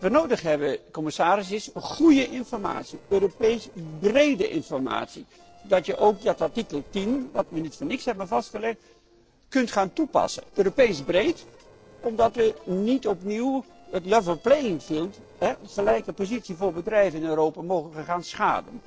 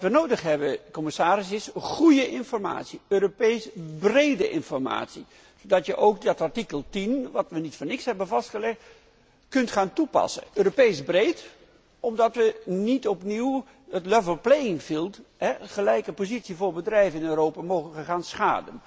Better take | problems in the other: second | noise reduction (neural separator model SepFormer DNS4)

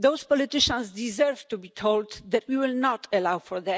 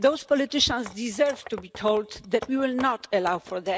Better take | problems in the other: first | background sound (Wood); 18 dB below the speech

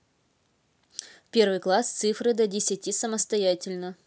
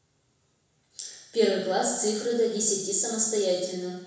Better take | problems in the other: first | room echo; dies away in 1.1 s

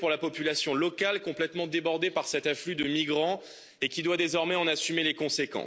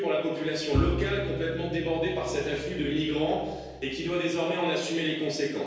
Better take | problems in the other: first | background sound (Bowed string instrument); 6 dB below the speech // room echo; dies away in 1.2 s

